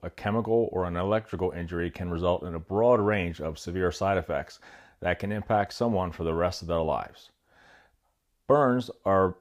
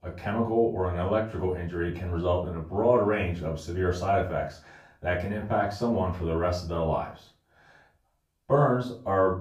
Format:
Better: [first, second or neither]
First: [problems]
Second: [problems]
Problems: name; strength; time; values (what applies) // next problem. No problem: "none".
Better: first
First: none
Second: off-mic speech; far // room echo; slight; dies away in 0.3 s